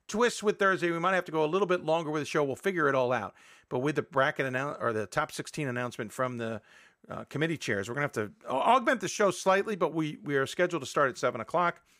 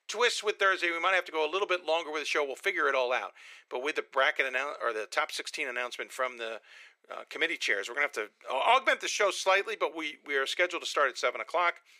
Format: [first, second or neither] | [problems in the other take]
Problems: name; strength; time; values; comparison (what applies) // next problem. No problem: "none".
first | thin; very; fading below 400 Hz